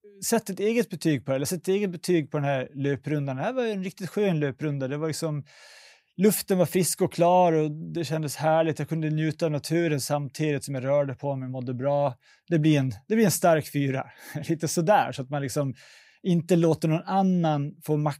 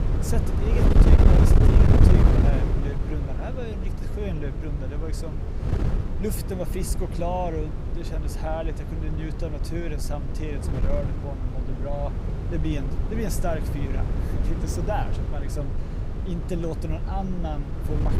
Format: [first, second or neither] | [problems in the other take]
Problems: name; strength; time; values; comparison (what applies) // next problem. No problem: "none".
first | wind noise on the microphone; heavy; 1 dB below the speech